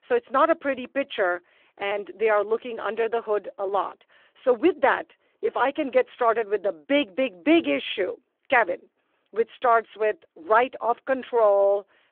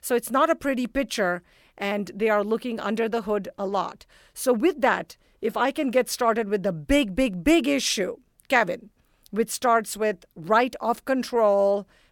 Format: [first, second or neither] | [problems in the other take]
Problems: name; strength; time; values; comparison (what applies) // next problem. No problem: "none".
second | phone-call audio; nothing above 3.5 kHz